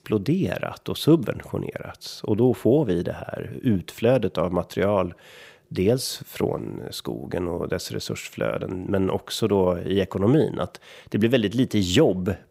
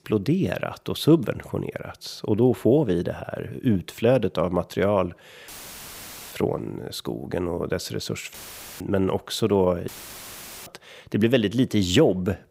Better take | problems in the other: first | audio cutting out; filled with static; at 5.5 s for 1 s, at 8.5 s and at 10 s for 1 s

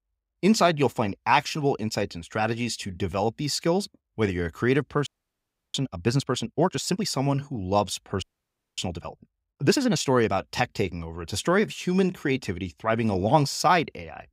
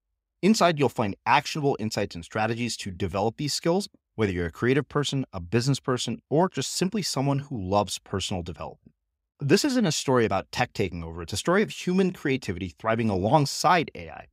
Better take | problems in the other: second | audio freezing; at 5 s for 0.5 s and at 8 s for 0.5 s

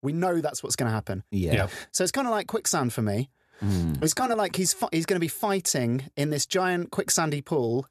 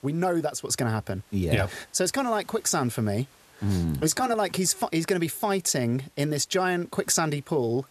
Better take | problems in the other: first | hiss; faint; throughout; 30 dB below the speech

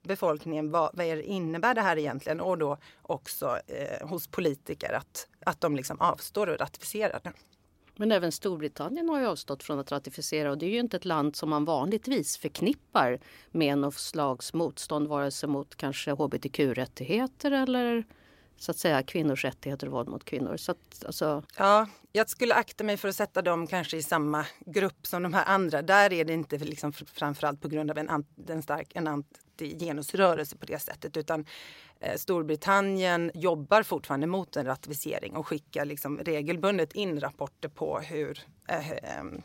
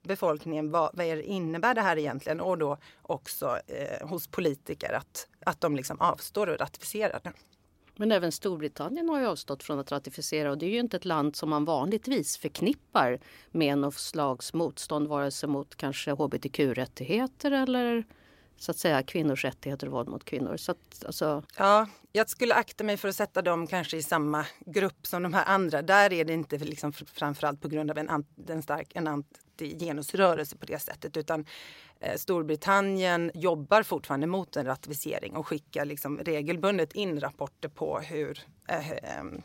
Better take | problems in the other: neither | none

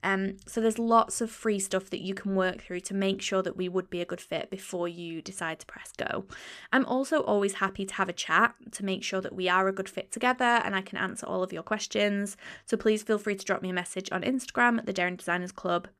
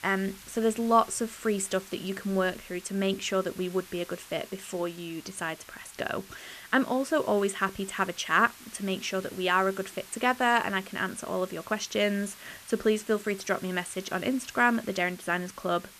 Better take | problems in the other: first | hiss; noticeable; throughout; 20 dB below the speech

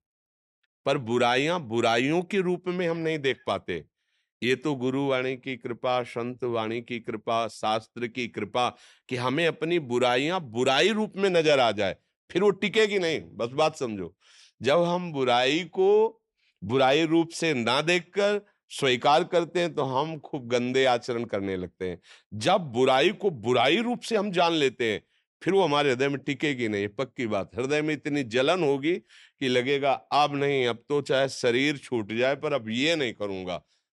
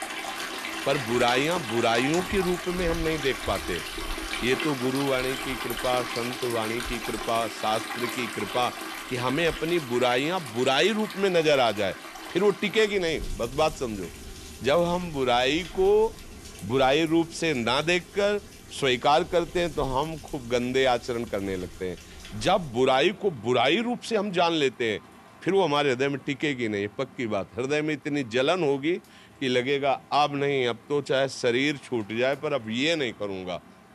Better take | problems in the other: first | rain or running water; loud; throughout; 9 dB below the speech

